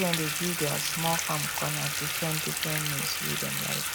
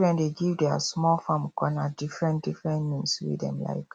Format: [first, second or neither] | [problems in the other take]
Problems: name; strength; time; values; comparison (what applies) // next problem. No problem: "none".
second | background sound (Bathtub (filling or washing) / Water tap, faucet); 2 dB above the speech